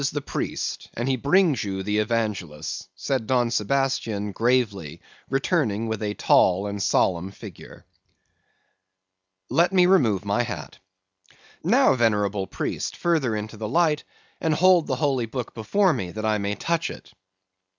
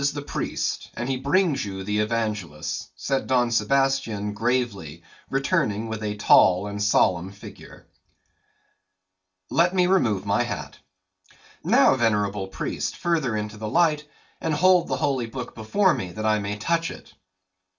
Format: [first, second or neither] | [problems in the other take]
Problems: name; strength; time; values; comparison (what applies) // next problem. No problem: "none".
first | room echo; dies away in 0.2 s